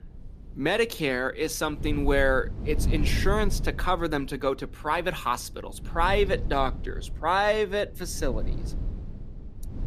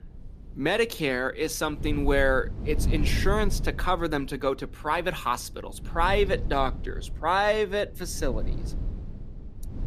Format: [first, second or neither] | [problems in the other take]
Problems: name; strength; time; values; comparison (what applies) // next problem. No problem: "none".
neither | wind noise on the microphone; occasional gusts; 20 dB below the speech; the same in both